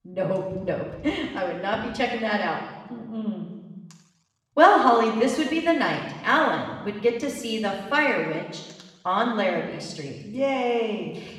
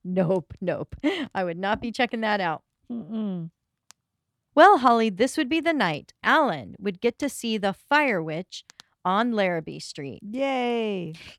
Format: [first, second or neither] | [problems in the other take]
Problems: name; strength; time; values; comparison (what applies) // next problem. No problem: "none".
second | room echo; noticeable; dies away in 1.1 s // off-mic speech; far